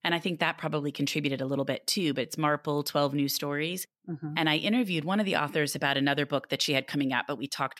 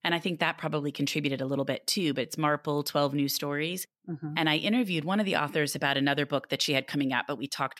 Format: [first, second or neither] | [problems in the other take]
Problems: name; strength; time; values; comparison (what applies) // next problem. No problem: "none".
neither | none